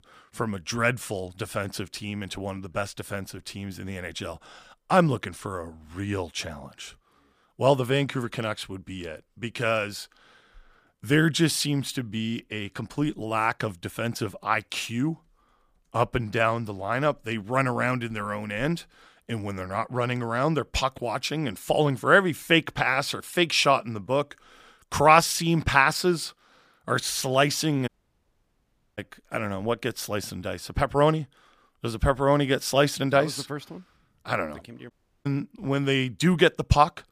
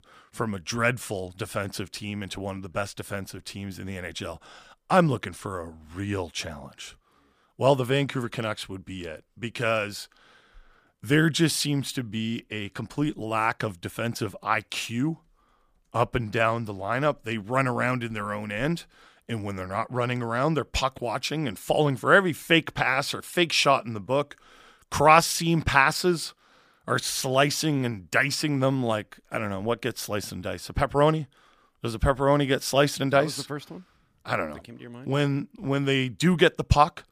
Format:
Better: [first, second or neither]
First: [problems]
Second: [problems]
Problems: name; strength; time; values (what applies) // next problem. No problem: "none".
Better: second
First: audio cutting out; at 28 s for 1 s and at 35 s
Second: none